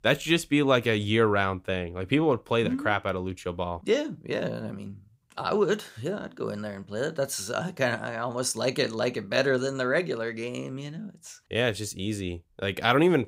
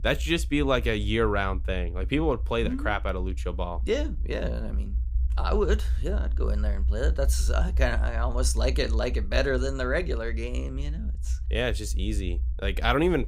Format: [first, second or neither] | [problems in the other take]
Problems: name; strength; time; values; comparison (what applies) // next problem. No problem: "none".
first | low rumble; faint; throughout; 20 dB below the speech